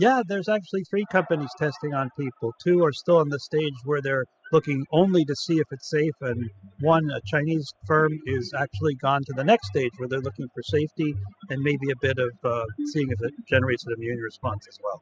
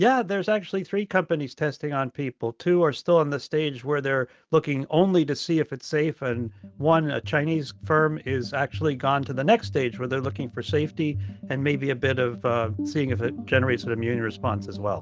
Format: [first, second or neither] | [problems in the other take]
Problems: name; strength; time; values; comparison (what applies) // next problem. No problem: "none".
second | noise reduction (classical method spectral subtraction)